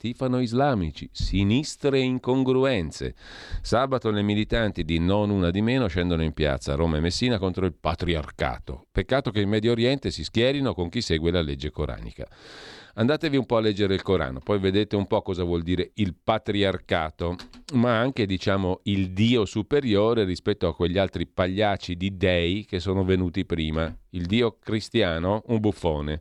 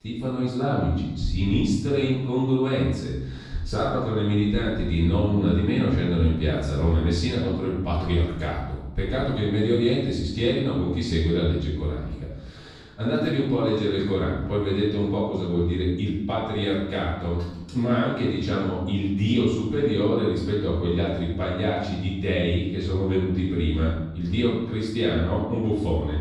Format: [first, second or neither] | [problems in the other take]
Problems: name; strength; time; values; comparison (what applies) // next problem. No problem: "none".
first | off-mic speech; far // room echo; noticeable; dies away in 1 s